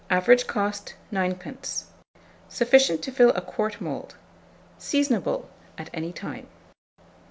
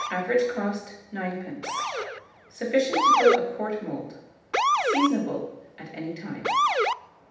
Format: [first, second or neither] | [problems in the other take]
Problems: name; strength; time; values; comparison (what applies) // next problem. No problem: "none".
first | background sound (Motor vehicle (road) / Siren); 1 dB above the speech // room echo; dies away in 0.8 s